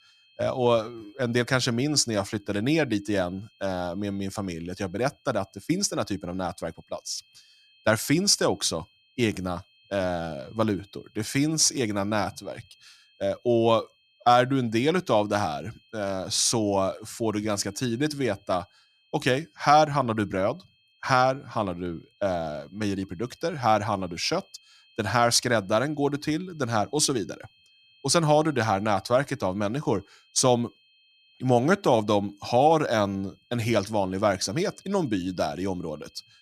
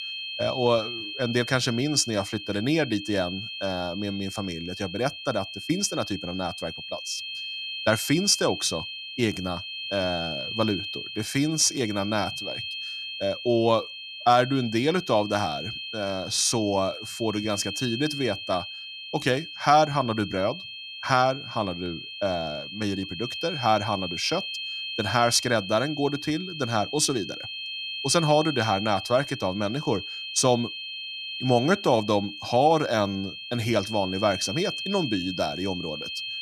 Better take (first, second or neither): first